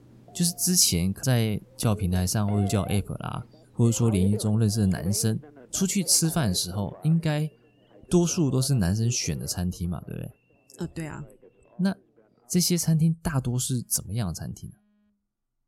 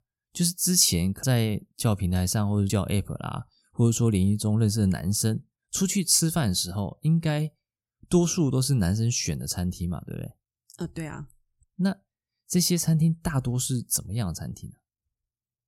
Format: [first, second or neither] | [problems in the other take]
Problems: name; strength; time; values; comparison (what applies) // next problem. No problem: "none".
second | alarms or sirens; noticeable; throughout; 20 dB below the speech